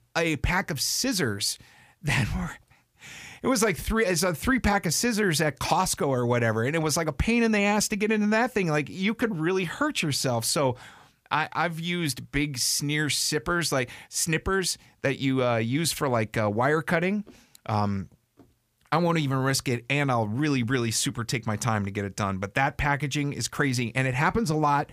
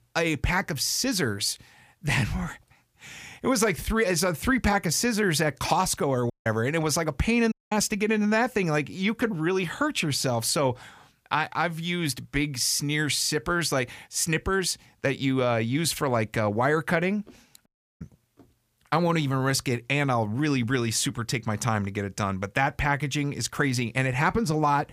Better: first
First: none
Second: audio cutting out; at 6.5 s, at 7.5 s and at 18 s

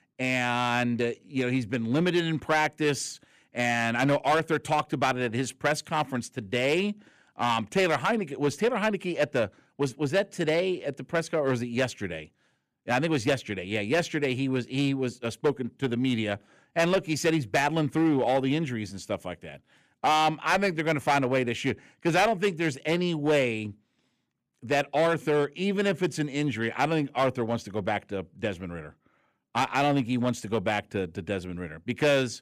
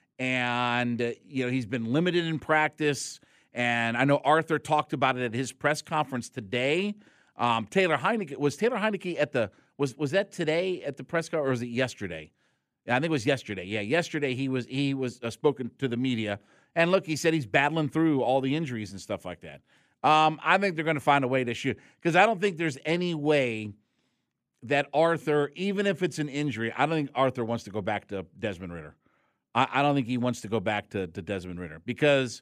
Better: second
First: distortion; slight; 4% of the sound clipped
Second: none

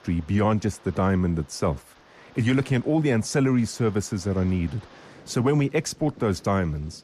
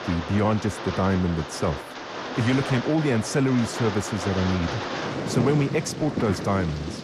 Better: first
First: rain or running water; faint; throughout; 25 dB below the speech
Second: rain or running water; loud; throughout; 6 dB below the speech

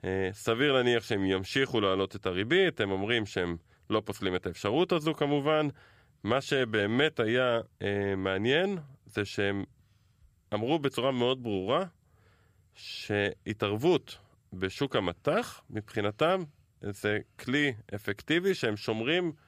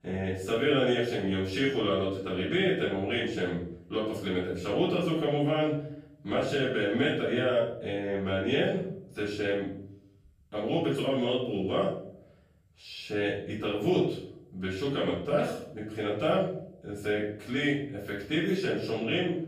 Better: first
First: none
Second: off-mic speech; far // room echo; noticeable; dies away in 0.6 s

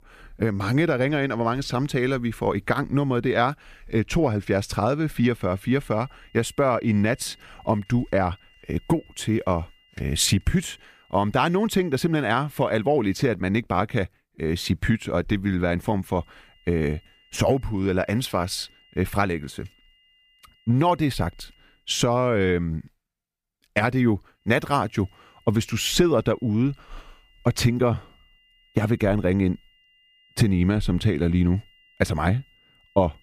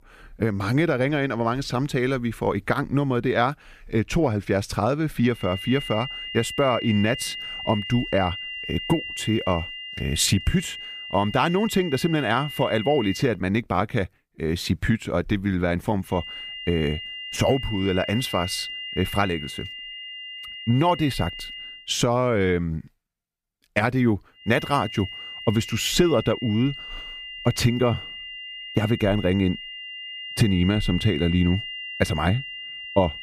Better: first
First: high-pitched whine; faint; from 5.5 to 13 s, from 16 to 22 s and from 24 s on; 3 kHz, 35 dB below the speech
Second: high-pitched whine; loud; from 5.5 to 13 s, from 16 to 22 s and from 24 s on; 3 kHz, 9 dB below the speech

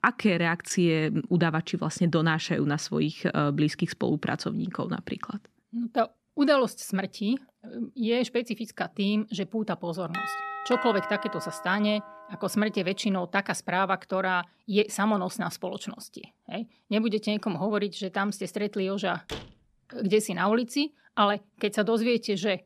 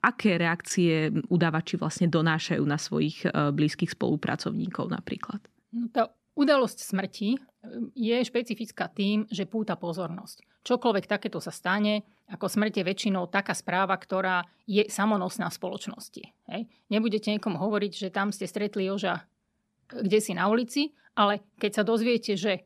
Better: second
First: doorbell; noticeable; from 10 to 12 s; peak 4 dB below the speech // door banging; faint; at 19 s; peak 10 dB below the speech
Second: none

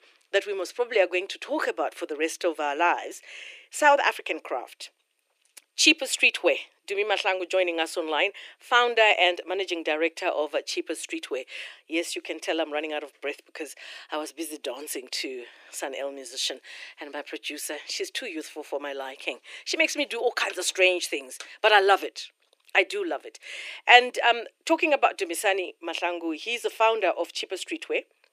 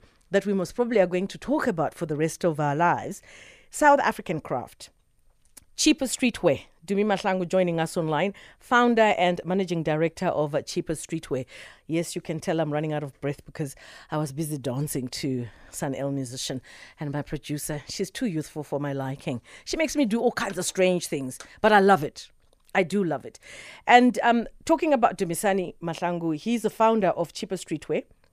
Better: second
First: thin; very; fading below 300 Hz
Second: none

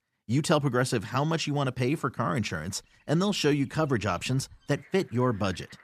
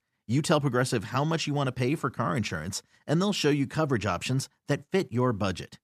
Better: second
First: animal sounds; faint; from 2.5 s on; 30 dB below the speech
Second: none

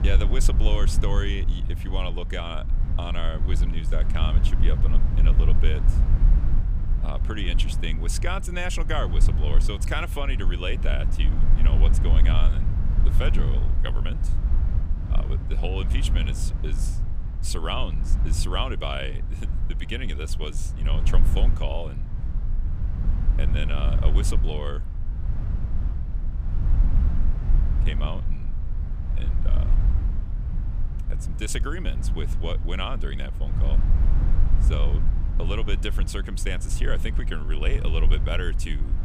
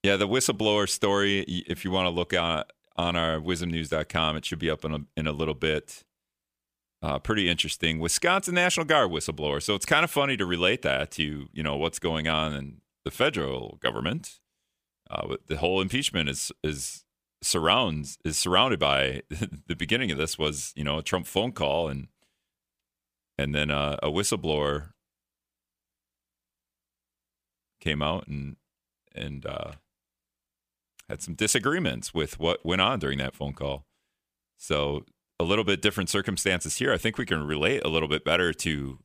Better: second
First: low rumble; loud; throughout; 9 dB below the speech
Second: none

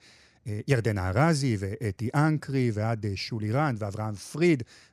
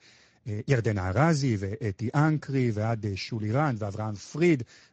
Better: first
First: none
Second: garbled, watery; slightly; nothing above 8 kHz

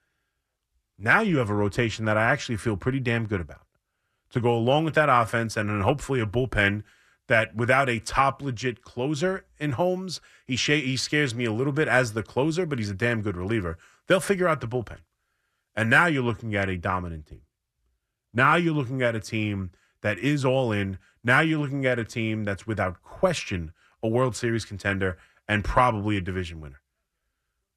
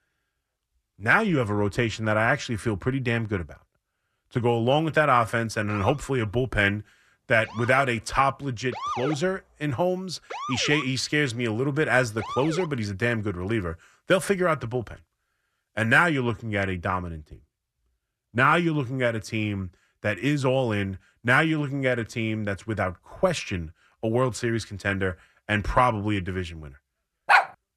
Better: first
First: none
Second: siren; noticeable; from 5.5 to 13 s; peak 5 dB below the speech // dog barking; loud; at 27 s; peak 5 dB above the speech

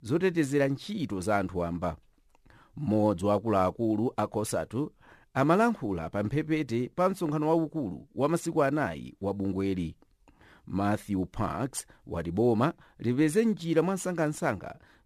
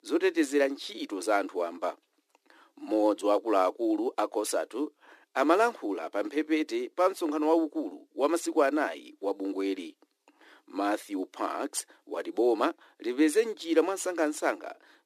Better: first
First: none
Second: thin; somewhat; fading below 300 Hz

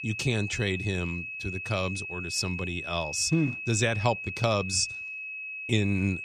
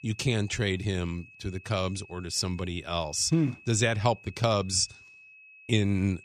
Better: second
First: high-pitched whine; loud; throughout; 2.5 kHz, 6 dB below the speech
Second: high-pitched whine; faint; throughout; 2.5 kHz, 20 dB below the speech

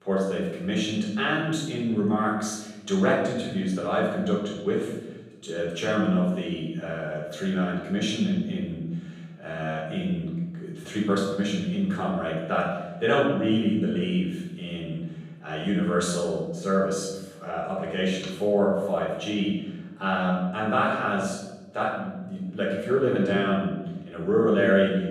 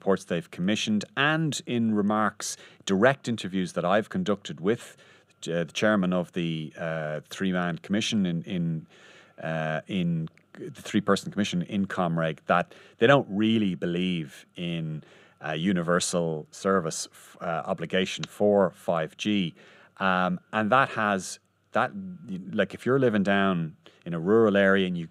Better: second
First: off-mic speech; far // room echo; noticeable; dies away in 0.9 s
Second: none

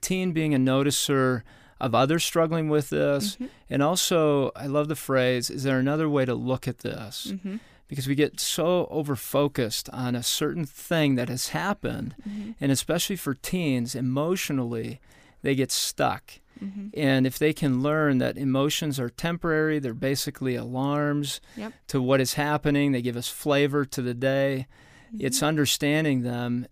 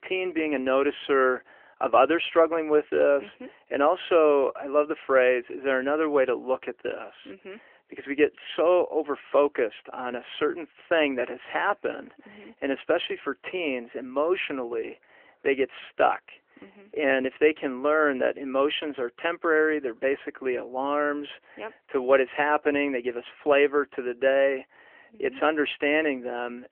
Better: first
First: none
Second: phone-call audio; nothing above 3 kHz

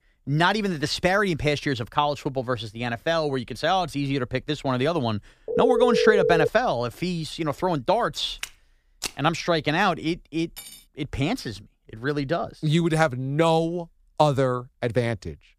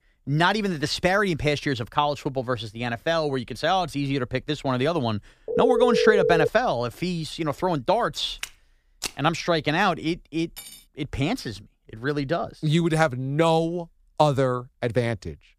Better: neither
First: phone ringing; loud; from 5.5 to 6.5 s; peak 3 dB above the speech // footsteps; noticeable; at 8.5 s; peak 9 dB below the speech // clattering dishes; faint; at 11 s; peak 15 dB below the speech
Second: phone ringing; loud; from 5.5 to 6.5 s; peak 3 dB above the speech // footsteps; noticeable; at 8.5 s; peak 9 dB below the speech // clattering dishes; faint; at 11 s; peak 15 dB below the speech

